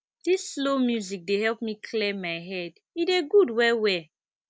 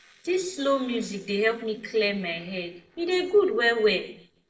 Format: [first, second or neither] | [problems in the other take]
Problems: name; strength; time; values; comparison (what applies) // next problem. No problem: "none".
first | noise reduction (neural separator model SepFormer DNS4)